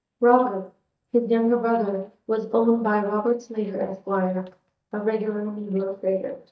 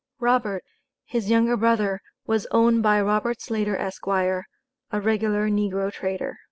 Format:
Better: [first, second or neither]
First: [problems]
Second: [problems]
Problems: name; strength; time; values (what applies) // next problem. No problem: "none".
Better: second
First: noise reduction (neural mask model DeepFilterNet 3)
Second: none